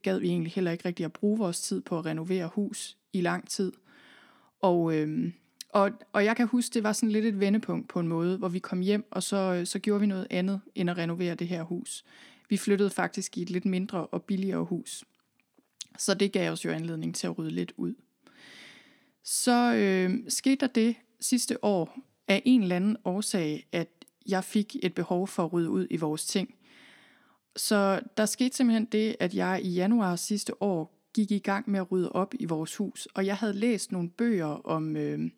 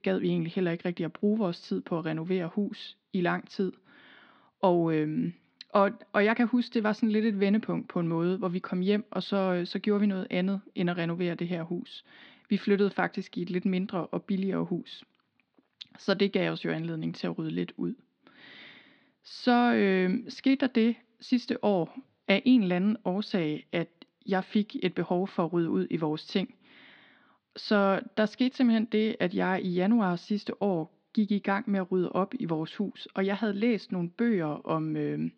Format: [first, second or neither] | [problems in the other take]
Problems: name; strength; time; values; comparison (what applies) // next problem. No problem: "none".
first | muffled; slightly; fading above 4 kHz